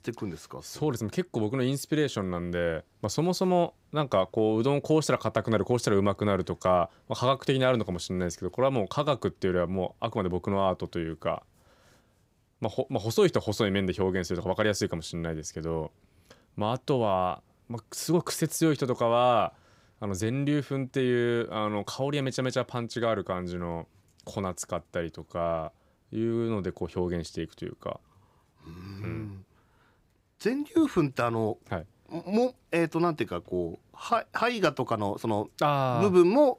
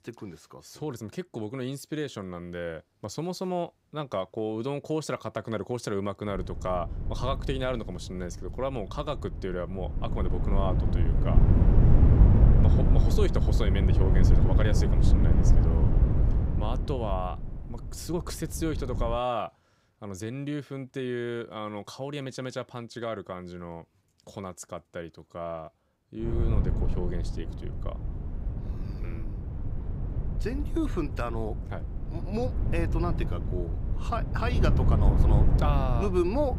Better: first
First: none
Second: wind noise on the microphone; heavy; from 6.5 to 19 s and from 26 s on; 4 dB below the speech

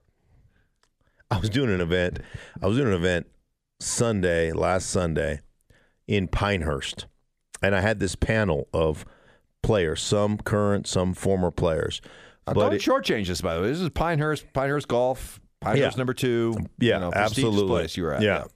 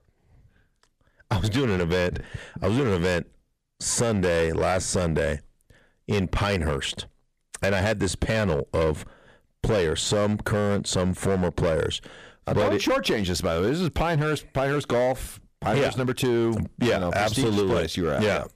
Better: first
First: none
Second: distortion; slight; 11% of the sound clipped

